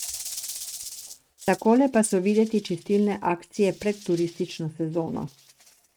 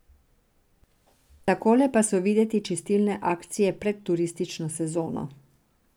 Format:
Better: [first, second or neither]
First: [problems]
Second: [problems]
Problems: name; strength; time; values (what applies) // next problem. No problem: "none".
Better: second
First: noise reduction (neural mask model RNNoise)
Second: none